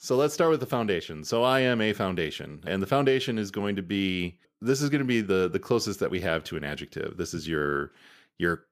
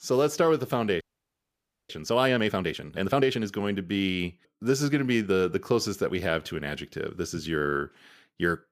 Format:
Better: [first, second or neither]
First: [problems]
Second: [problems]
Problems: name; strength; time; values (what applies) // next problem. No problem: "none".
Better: first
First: none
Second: audio freezing; at 1 s for 1 s